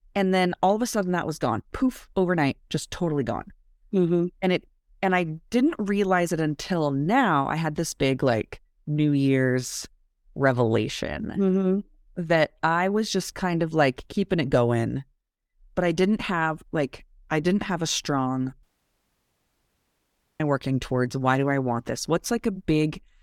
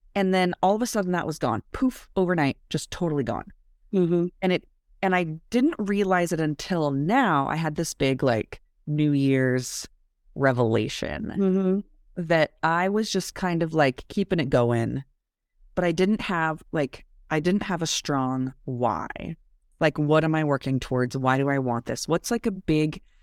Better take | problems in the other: second | audio cutting out; at 19 s for 2 s

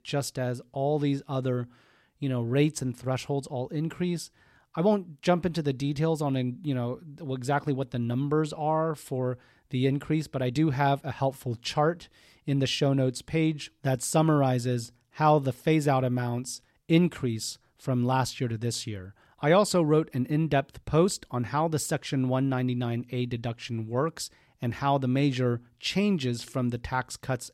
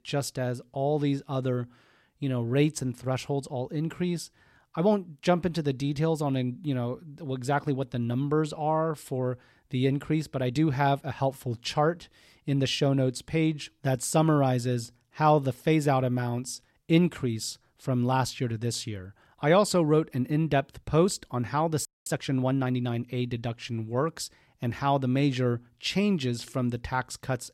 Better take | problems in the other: first | audio freezing; at 22 s

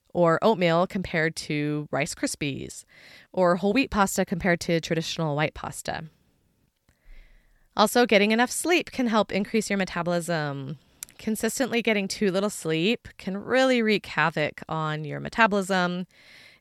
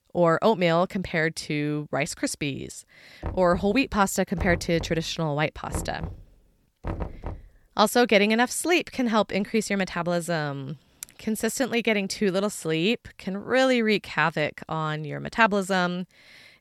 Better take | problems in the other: first | door banging; noticeable; from 3 to 7.5 s; peak 10 dB below the speech

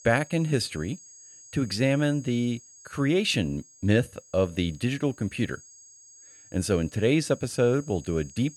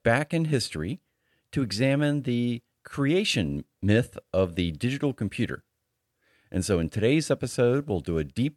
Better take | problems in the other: second | high-pitched whine; faint; throughout; 6.5 kHz, 20 dB below the speech

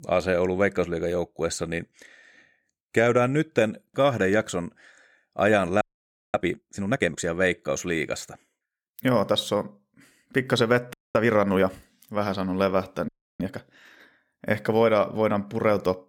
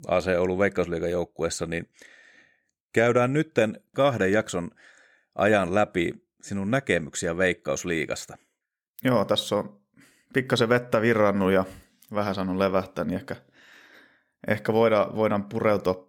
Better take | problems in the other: second | audio freezing; at 6 s for 0.5 s, at 11 s and at 13 s

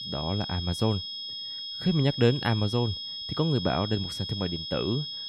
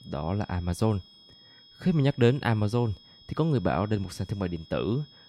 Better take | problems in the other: second | high-pitched whine; loud; throughout; 3.5 kHz, 5 dB below the speech; faint in the second

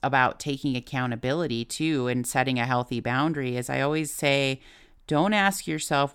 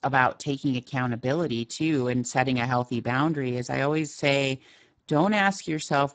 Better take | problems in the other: first | garbled, watery; badly; nothing above 7.5 kHz

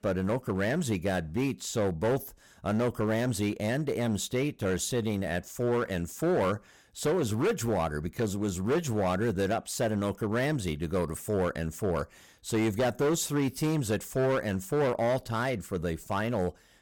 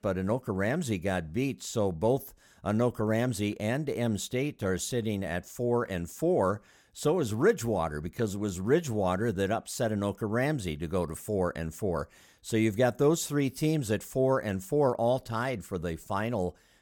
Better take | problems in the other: second | distortion; slight; 10% of the sound clipped

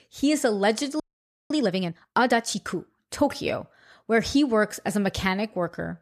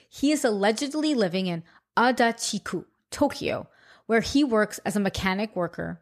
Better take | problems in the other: second | audio freezing; at 1 s for 0.5 s

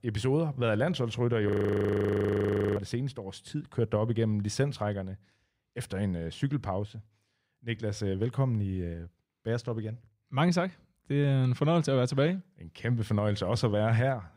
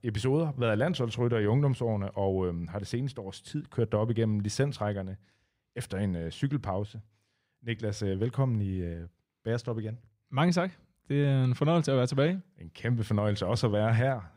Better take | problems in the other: second | audio freezing; at 1.5 s for 1.5 s

